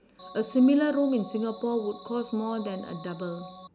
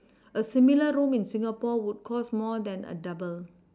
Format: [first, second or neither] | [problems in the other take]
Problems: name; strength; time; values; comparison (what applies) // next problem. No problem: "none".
second | background sound (Organ); 18 dB below the speech